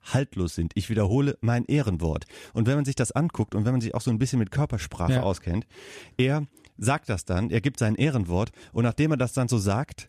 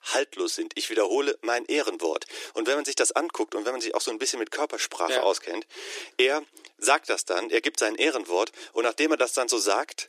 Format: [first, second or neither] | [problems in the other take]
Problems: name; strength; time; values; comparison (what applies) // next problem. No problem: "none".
first | thin; very; fading below 300 Hz